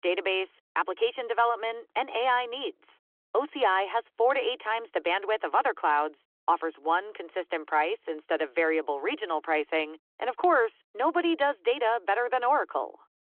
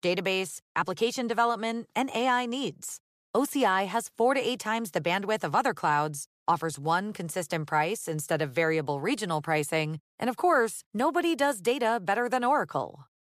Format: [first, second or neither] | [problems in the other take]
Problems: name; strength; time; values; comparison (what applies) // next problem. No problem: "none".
second | phone-call audio